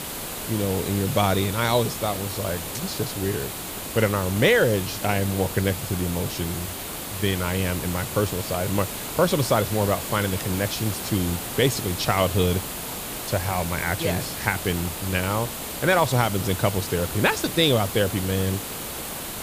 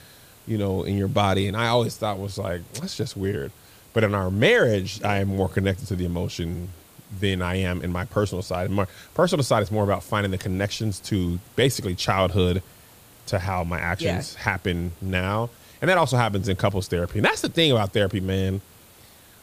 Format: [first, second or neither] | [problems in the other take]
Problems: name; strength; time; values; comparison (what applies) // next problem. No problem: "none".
second | hiss; loud; throughout; 6 dB below the speech; faint in the second